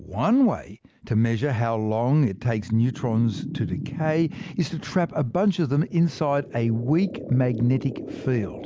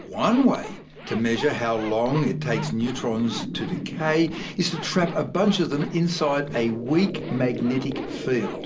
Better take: first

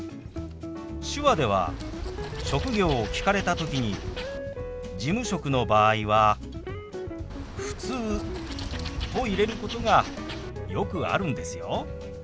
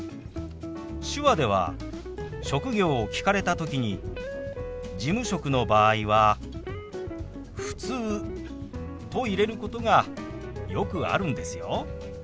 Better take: second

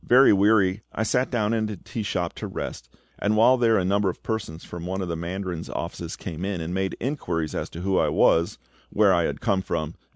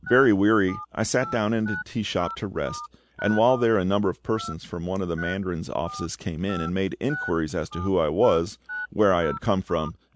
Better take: first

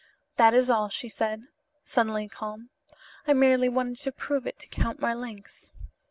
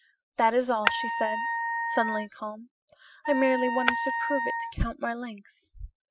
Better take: first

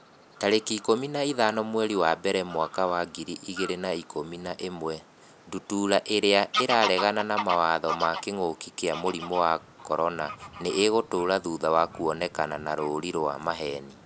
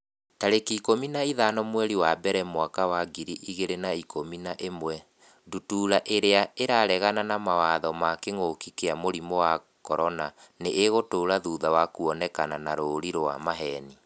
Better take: second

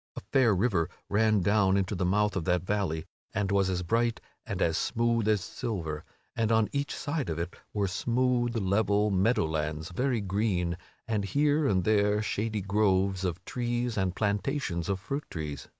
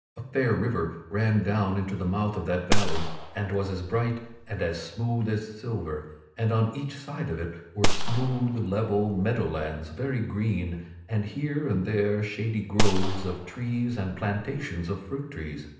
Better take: first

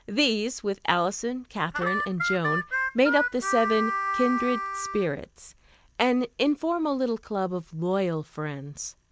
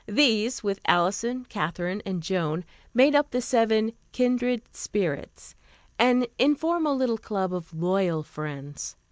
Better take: second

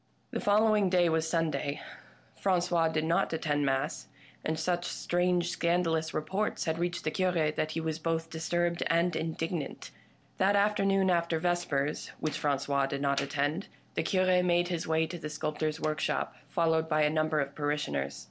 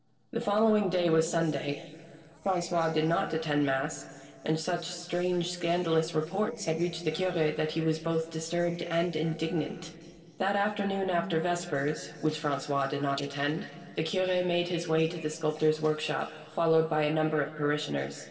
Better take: first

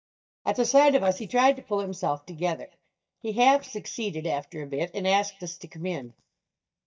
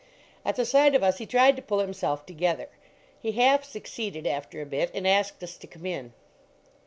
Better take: second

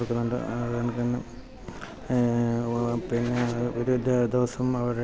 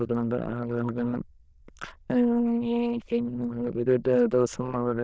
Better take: first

